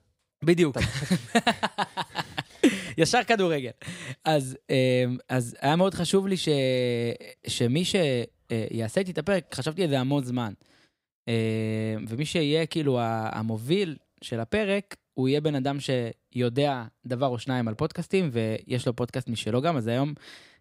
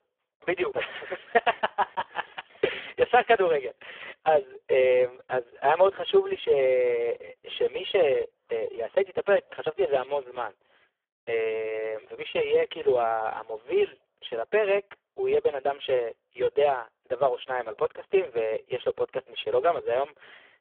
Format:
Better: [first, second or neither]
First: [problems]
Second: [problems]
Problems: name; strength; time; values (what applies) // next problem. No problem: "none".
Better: first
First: none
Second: phone-call audio; poor line; nothing above 3.5 kHz